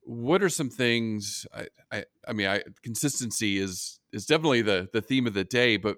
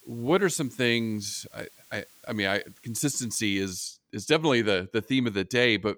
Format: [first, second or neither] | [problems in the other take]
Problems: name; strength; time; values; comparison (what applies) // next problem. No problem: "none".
first | hiss; faint; until 3.5 s; 25 dB below the speech